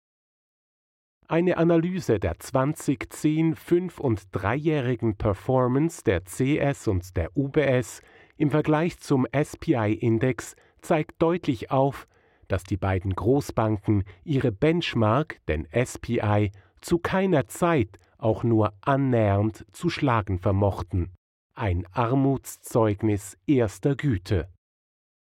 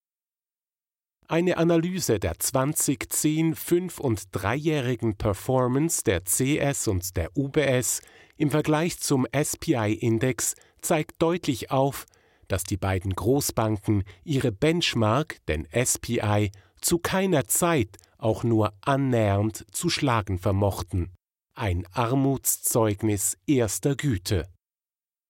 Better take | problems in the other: second | muffled; slightly; fading above 4 kHz

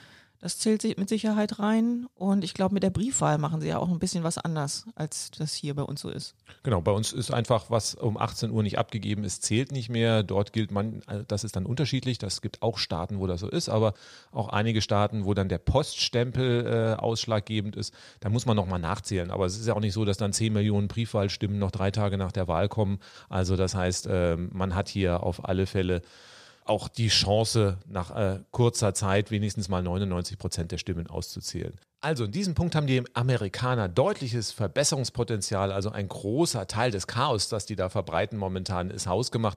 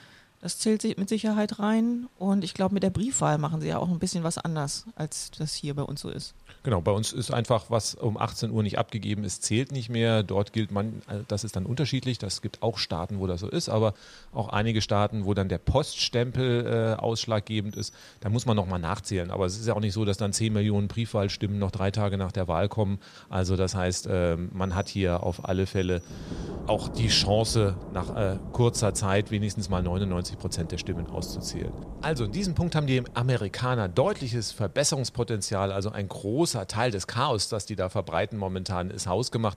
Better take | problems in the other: first | rain or running water; noticeable; throughout; 15 dB below the speech

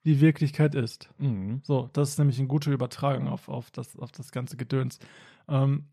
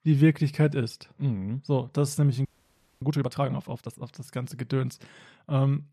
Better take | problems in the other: first | audio freezing; at 2.5 s for 0.5 s

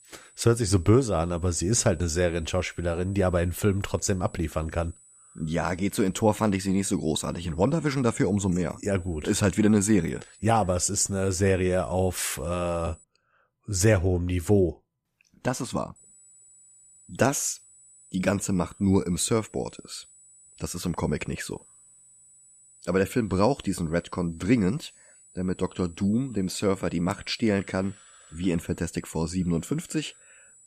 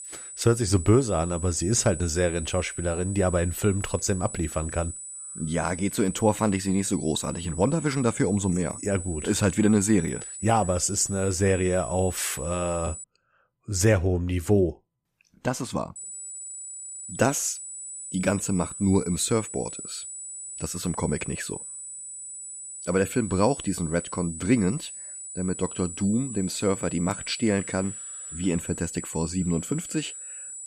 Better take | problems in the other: first | high-pitched whine; loud; until 13 s and from 16 s on; 8 kHz, 10 dB below the speech; faint in the first

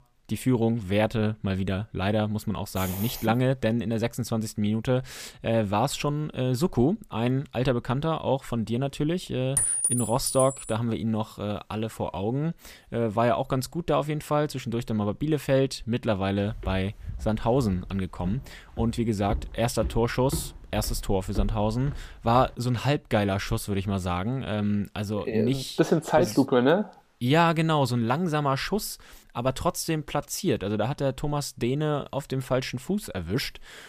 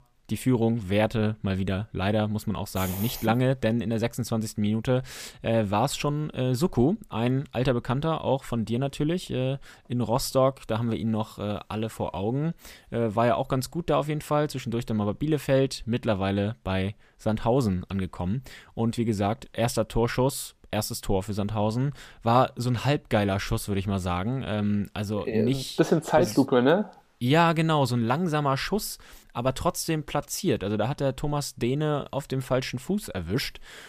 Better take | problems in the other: second | clattering dishes; loud; from 9.5 to 11 s; peak 5 dB above the speech // footsteps; noticeable; from 17 to 22 s; peak 8 dB below the speech

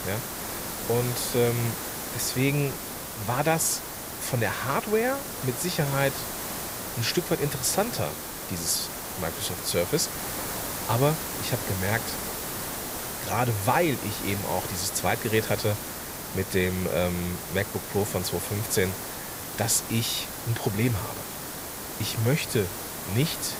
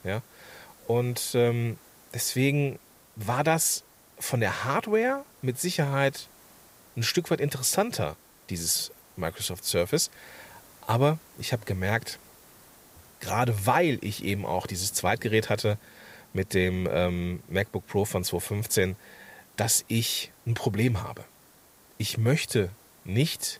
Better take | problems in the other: second | hiss; loud; throughout; 5 dB below the speech; faint in the second

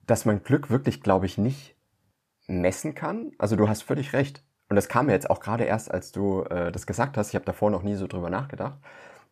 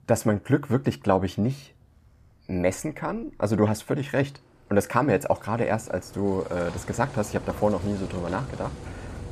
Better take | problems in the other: first | traffic noise; noticeable; throughout; 15 dB below the speech

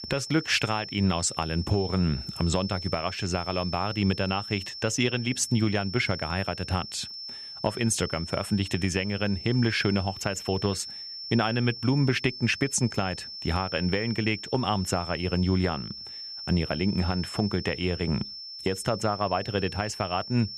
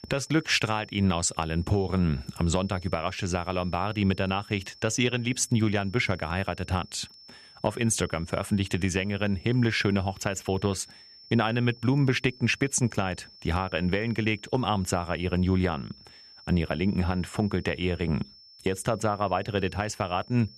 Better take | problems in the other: second | high-pitched whine; loud; throughout; 5.5 kHz, 9 dB below the speech; faint in the second

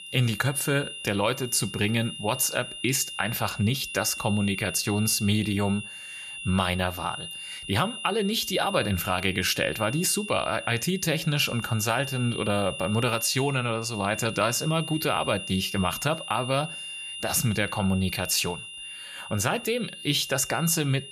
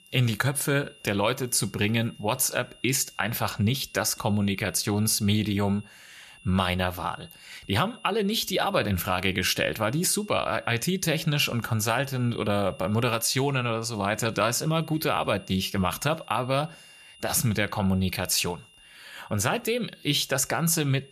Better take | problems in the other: second | high-pitched whine; loud; throughout; 3 kHz, 9 dB below the speech; faint in the second

